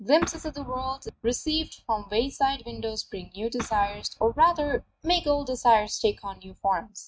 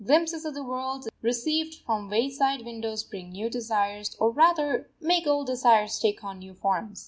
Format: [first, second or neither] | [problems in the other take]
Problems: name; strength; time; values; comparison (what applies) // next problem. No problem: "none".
second | noise reduction (neural mask model RNNoise)